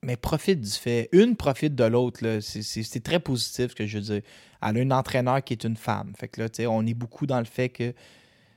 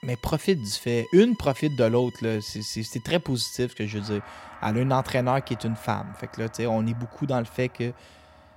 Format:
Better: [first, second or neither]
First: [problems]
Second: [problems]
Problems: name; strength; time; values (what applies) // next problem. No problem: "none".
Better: first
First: none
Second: background music; faint; throughout; 20 dB below the speech